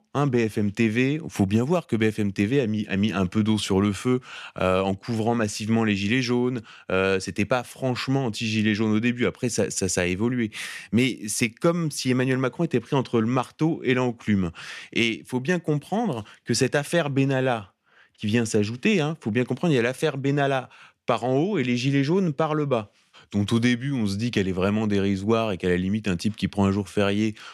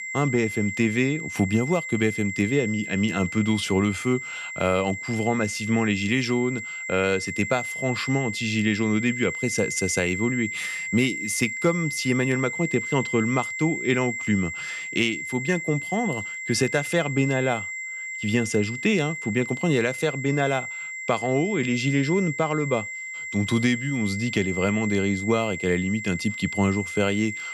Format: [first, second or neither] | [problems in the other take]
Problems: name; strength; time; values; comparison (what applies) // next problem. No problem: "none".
first | high-pitched whine; loud; throughout; 2 kHz, 6 dB below the speech